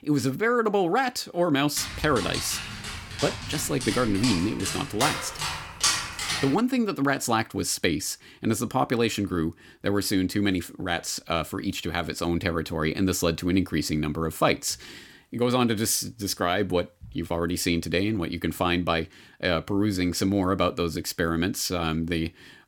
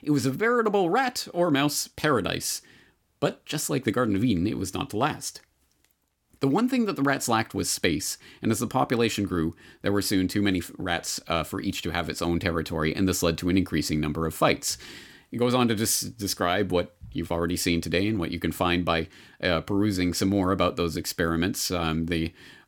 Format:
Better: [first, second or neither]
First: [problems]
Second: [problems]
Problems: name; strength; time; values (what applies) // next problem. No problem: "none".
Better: second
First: dog barking; loud; from 2 to 6.5 s; peak 3 dB above the speech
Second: none